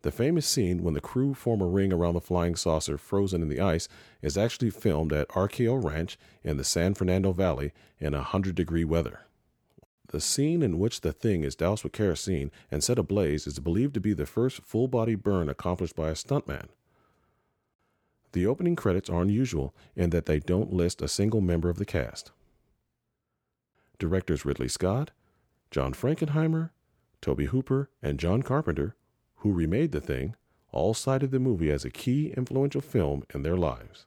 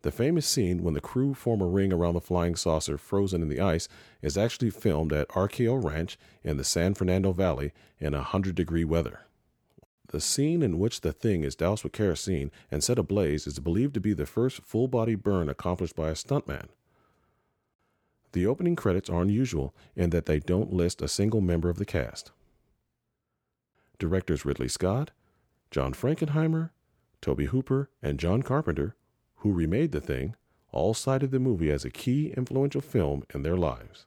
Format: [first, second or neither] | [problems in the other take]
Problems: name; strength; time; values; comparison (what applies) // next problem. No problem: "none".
neither | none